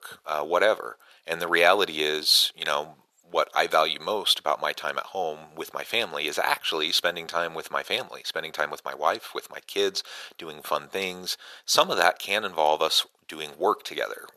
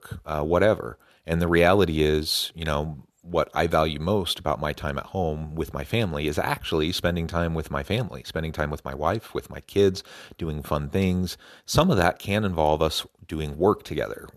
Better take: second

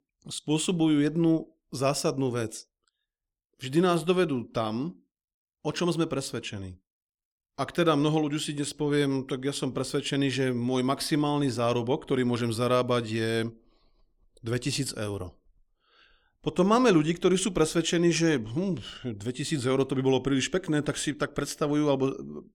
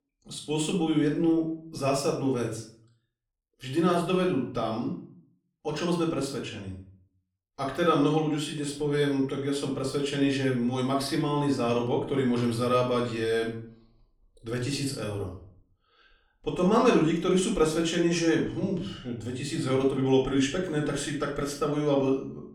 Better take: first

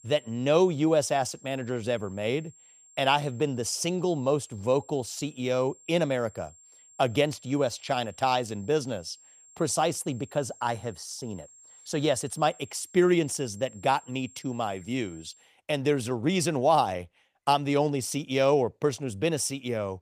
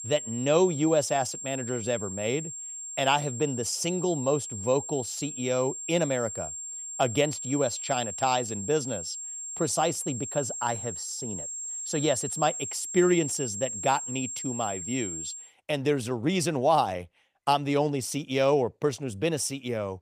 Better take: first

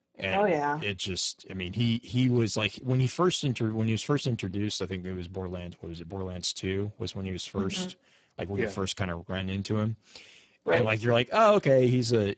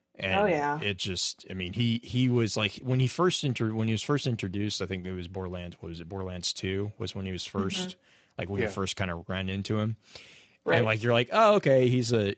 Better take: second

